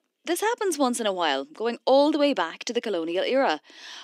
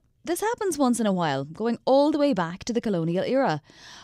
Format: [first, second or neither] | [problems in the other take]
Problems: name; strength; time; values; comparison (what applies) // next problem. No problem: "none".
second | thin; very slightly; fading below 250 Hz